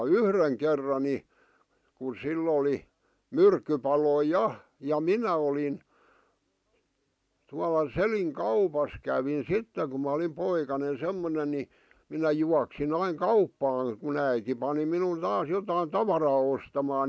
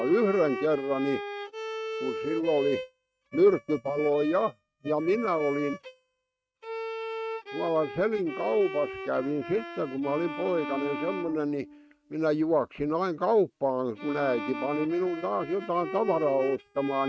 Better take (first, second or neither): first